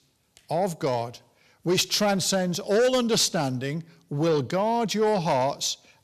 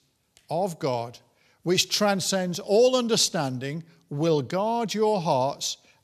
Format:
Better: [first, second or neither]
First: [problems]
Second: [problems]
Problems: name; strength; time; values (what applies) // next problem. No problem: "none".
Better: second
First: distortion; slight; 10 dB below the speech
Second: none